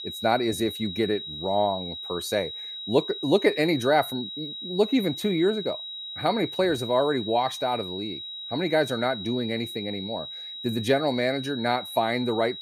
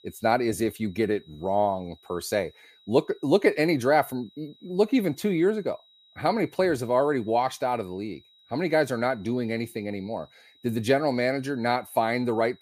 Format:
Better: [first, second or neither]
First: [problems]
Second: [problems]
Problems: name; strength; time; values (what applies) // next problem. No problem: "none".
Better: second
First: high-pitched whine; loud; throughout; 4 kHz, 8 dB below the speech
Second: high-pitched whine; faint; throughout; 4 kHz, 30 dB below the speech